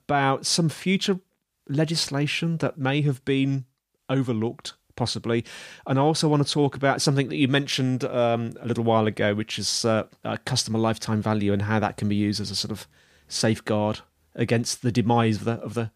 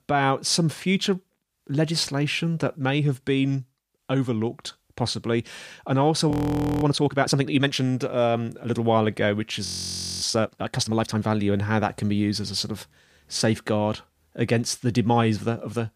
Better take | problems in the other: first | audio freezing; at 6.5 s for 0.5 s and at 9.5 s for 0.5 s

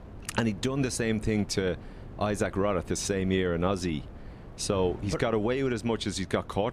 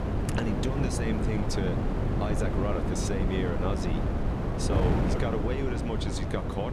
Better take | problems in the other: first | wind noise on the microphone; heavy; as loud as the speech; occasional gusts in the first

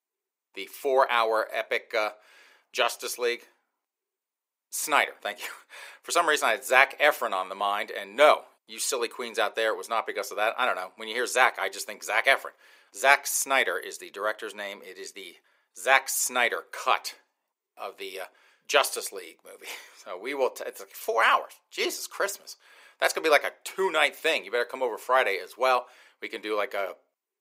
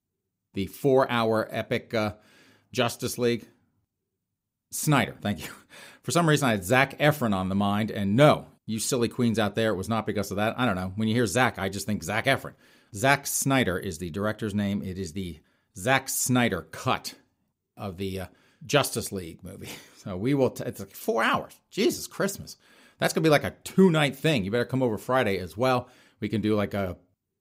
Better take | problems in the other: second | thin; very; fading below 450 Hz

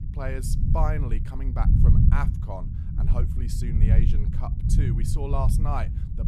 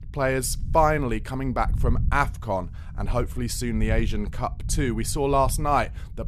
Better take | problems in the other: second | low rumble; loud; throughout; 3 dB below the speech; faint in the second

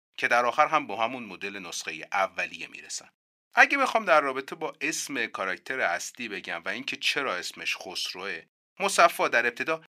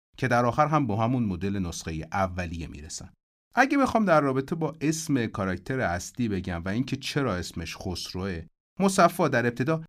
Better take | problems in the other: second | thin; very; fading below 550 Hz

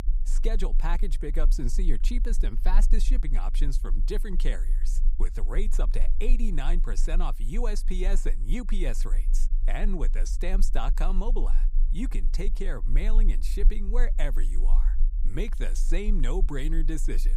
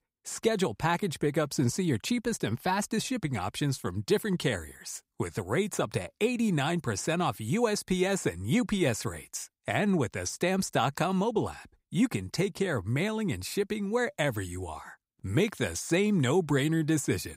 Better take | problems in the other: second | low rumble; noticeable; throughout; 20 dB below the speech

